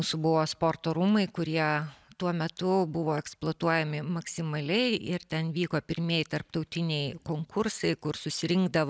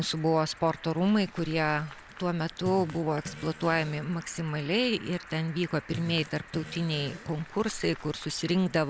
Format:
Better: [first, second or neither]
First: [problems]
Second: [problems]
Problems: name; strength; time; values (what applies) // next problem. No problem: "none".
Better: first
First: none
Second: background sound (Fart + Cricket); 15 dB below the speech